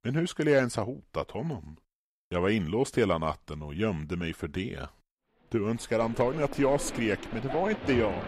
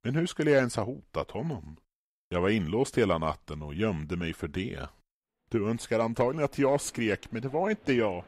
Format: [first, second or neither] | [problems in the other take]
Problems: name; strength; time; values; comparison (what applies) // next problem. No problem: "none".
second | crowd noise; loud; from 6 s on; 10 dB below the speech; faint in the second